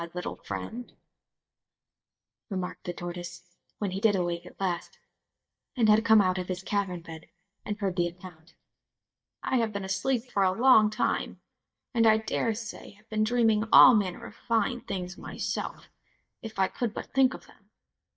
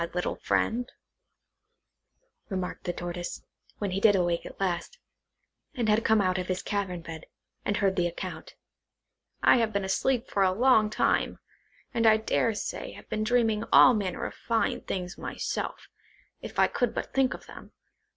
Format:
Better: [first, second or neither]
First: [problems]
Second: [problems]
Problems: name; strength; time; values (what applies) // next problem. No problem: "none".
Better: second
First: noise reduction (neural mask model DeepFilterNet 3)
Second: none